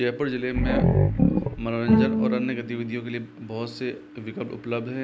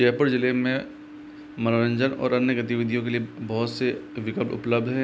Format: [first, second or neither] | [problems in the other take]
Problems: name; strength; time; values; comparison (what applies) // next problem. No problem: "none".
second | background sound (Bowed string instrument + Growling); 4 dB above the speech